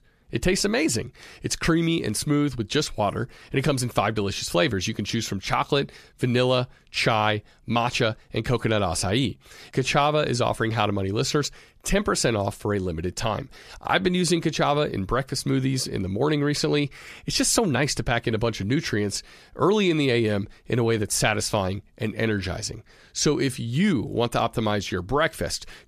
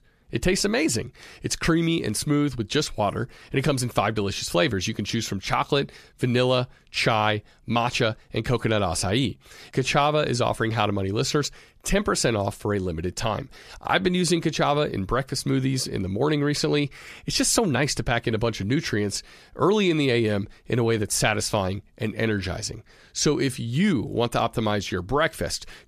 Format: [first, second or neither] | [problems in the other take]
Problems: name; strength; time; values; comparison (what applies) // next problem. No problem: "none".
neither | none